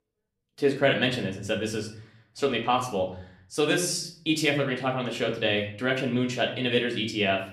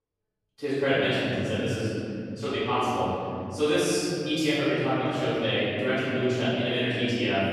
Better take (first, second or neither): first